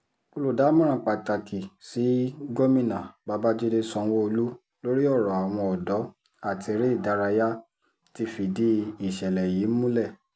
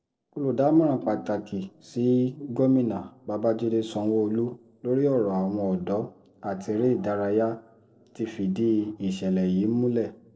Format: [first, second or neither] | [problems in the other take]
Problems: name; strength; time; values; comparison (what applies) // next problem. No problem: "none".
first | noise reduction (neural separator model SepFormer DNS4)